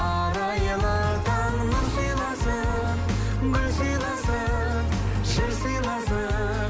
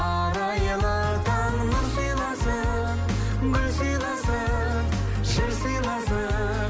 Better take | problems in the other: second | background sound (Engine); 14 dB below the speech

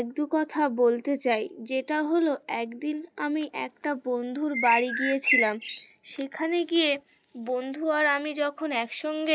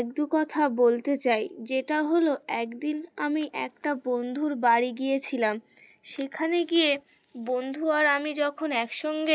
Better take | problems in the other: second | background sound (Bird); 2 dB below the speech

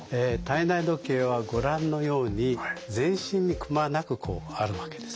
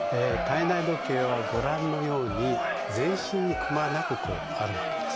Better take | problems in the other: first | background sound (Crowd); 2 dB below the speech

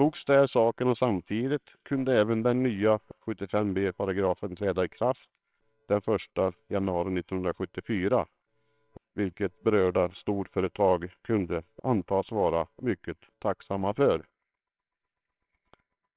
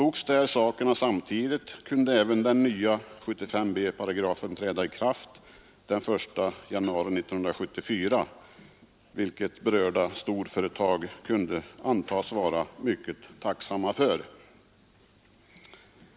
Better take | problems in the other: second | noise reduction (neural separator model SepFormer WHAMR!)

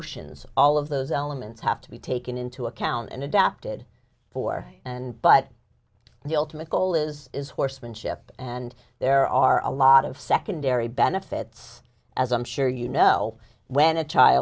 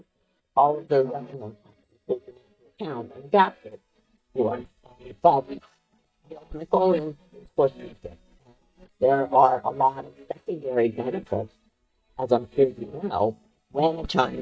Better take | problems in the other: first | noise reduction (neural mask model DeepFilterNet 3)

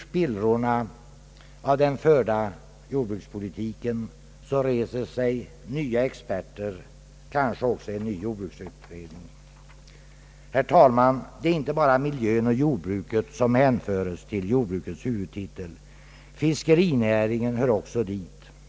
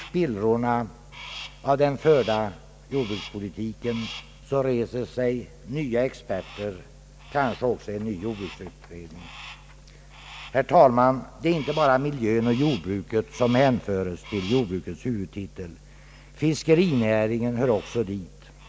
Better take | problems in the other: first | background sound (Crow); 20 dB below the speech

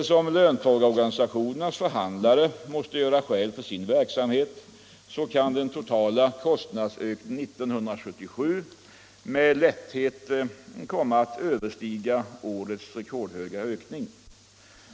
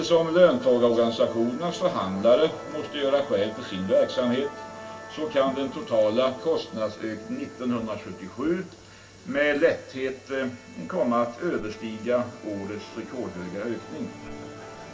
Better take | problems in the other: first | background sound (Musical instrument); 16 dB below the speech // room echo; dies away in 0.2 s

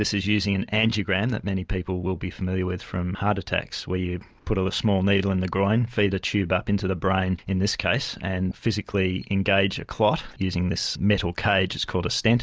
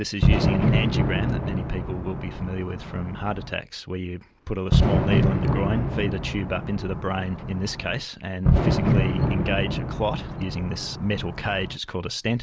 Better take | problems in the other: first | background sound (Fireworks); 4 dB above the speech

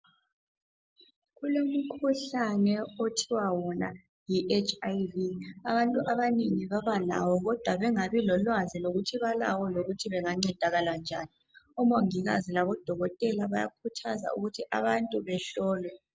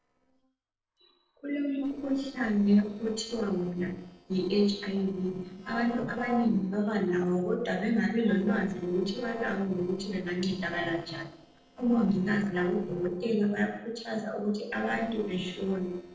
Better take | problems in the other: first | noise reduction (neural separator model SepFormer DNS4)

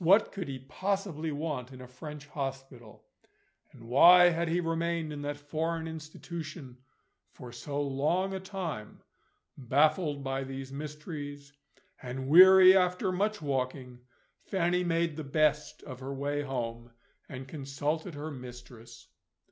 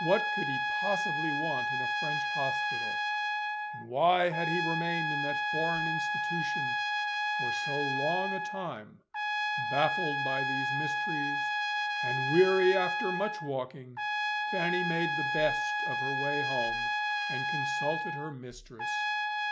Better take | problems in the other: first | background sound (Trumpet); 2 dB above the speech

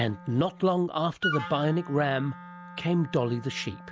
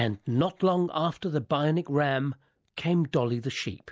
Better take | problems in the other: second | background sound (Wind instrument, woodwind instrument); 11 dB below the speech

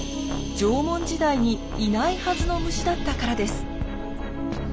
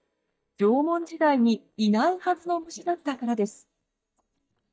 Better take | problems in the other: first | noise reduction (neural mask model DeepFilterNet 3)

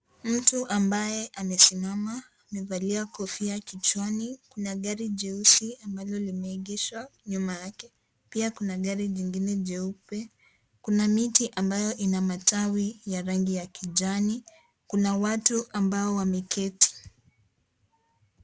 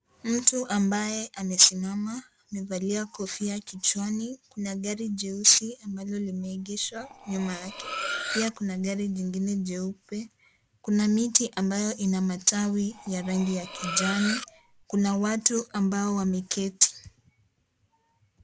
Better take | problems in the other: first | background sound (Cutlery, silverware); 8 dB below the speech

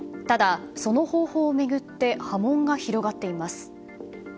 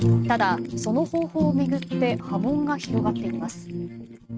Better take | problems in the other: first | noise reduction (neural mask model RNNoise)

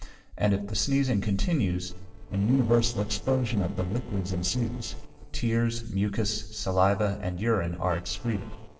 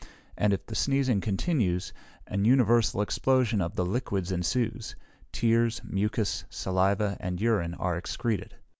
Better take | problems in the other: second | noise reduction (neural separator model SepFormer DNS4)

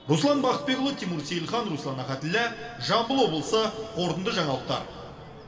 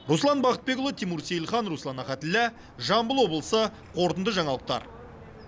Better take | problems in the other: second | room echo; dies away in 2.4 s

